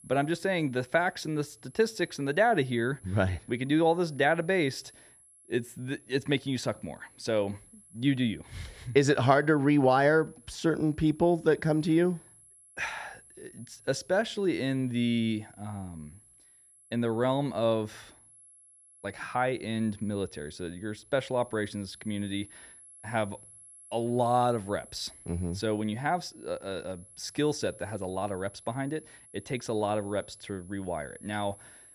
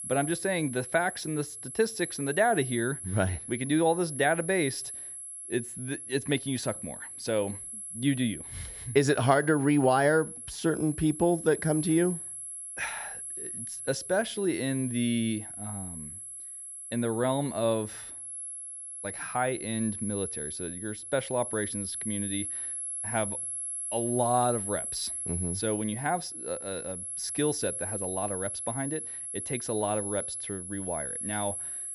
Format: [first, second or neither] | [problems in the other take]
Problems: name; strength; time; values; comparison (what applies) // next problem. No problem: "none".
first | high-pitched whine; loud; throughout; 11 kHz, 6 dB below the speech; faint in the first